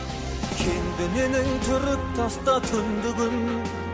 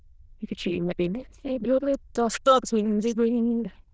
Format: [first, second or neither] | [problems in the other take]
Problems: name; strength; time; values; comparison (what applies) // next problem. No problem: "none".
first | noise reduction (neural diffusion model UNIVERSE++)